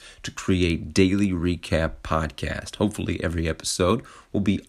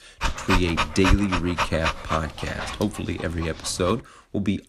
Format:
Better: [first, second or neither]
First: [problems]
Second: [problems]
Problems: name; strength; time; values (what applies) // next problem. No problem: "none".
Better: first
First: none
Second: dog barking; loud; until 2.5 s; peak 4 dB above the speech